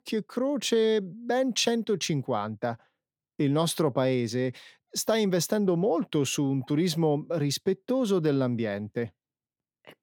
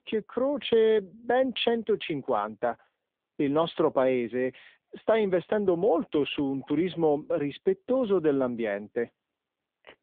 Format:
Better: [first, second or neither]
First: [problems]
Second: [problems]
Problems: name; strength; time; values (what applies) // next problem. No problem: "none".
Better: first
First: none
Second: phone-call audio; poor line; nothing above 3.5 kHz